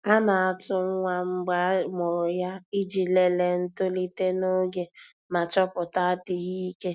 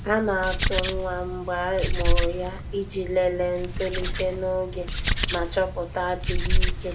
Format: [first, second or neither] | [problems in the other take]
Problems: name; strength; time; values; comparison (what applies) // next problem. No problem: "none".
first | background sound (Hands); 2 dB above the speech // room echo; dies away in 0.4 s